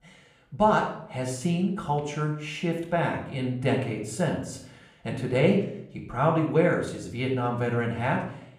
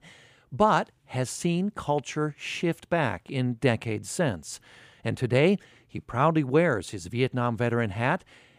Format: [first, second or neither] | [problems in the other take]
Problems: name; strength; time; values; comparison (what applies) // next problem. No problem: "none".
second | off-mic speech; somewhat distant // room echo; slight; dies away in 0.6 s